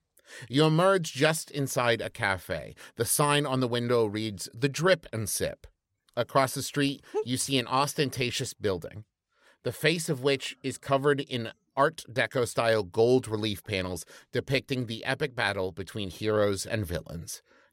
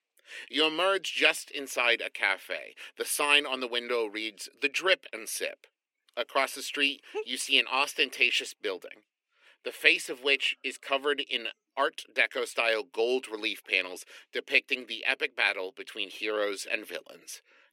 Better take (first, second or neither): first